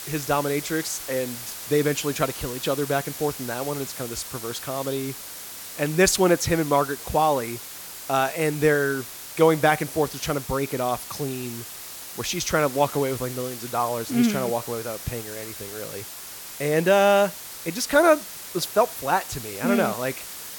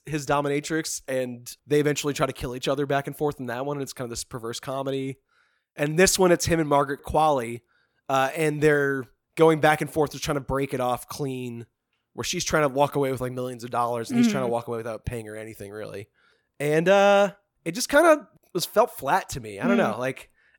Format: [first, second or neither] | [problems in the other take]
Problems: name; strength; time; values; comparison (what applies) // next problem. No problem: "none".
second | hiss; noticeable; throughout; 10 dB below the speech